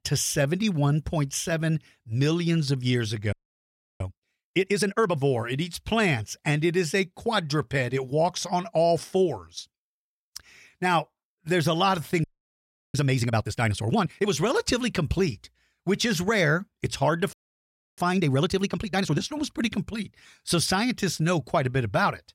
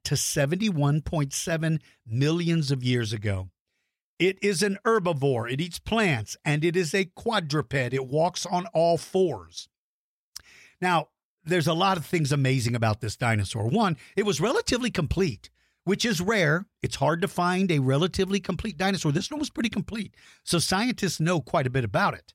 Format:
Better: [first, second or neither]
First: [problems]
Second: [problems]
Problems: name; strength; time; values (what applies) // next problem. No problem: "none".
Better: second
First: audio freezing; at 3.5 s for 0.5 s, at 12 s for 0.5 s and at 17 s for 0.5 s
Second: none